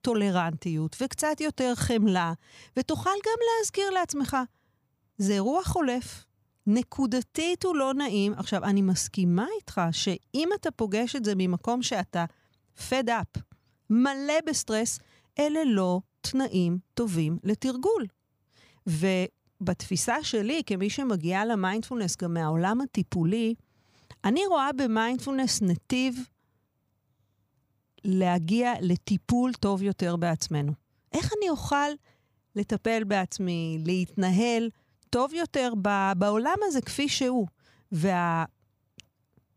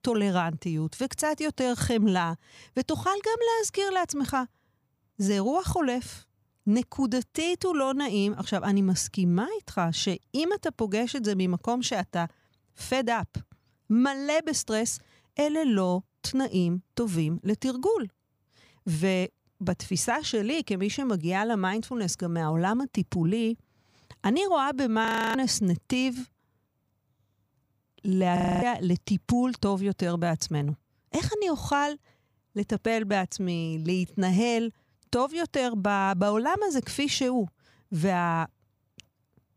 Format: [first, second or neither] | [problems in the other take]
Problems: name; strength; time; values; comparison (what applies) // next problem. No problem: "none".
first | audio freezing; at 25 s and at 28 s